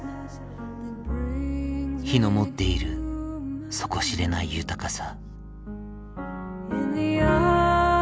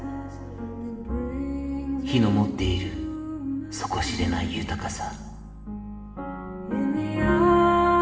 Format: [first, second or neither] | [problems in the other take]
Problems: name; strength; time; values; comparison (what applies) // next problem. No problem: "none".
first | background sound (Rattle / Breathing); 17 dB below the speech // room echo; dies away in 1.1 s